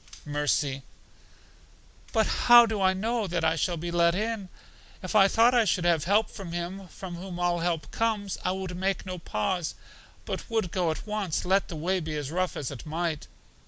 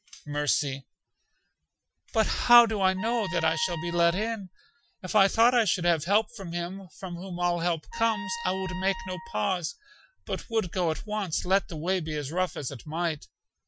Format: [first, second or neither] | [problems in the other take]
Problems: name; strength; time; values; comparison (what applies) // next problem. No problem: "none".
first | noise reduction (classical method Wiener filter)